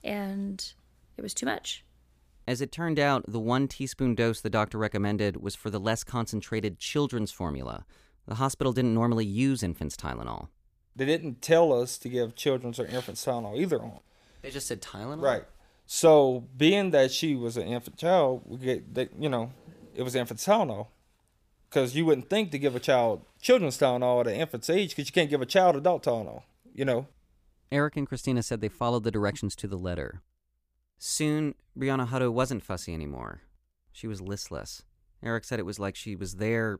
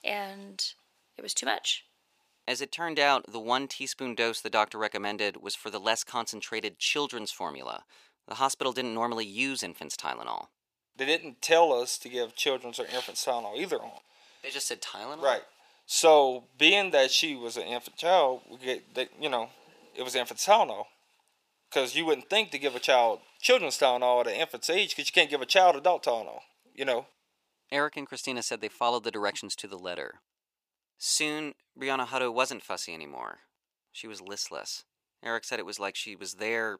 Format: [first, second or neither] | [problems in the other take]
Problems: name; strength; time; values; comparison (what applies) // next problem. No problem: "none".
first | thin; somewhat; fading below 450 Hz